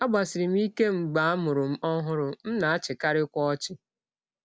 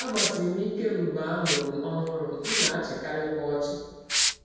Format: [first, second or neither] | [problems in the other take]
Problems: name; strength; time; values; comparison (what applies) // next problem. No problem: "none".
first | background sound (Liquid); 2 dB below the speech // room echo; dies away in 1.1 s